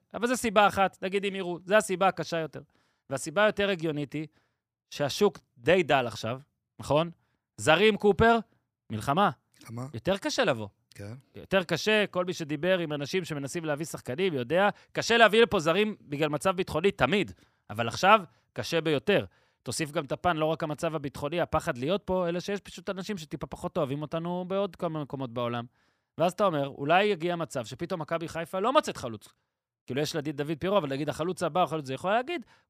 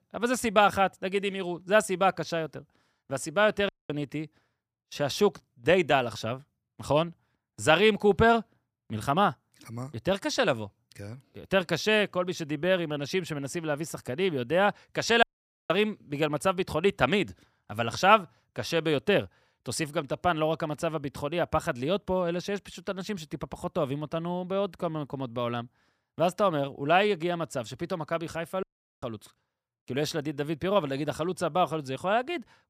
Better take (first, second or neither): first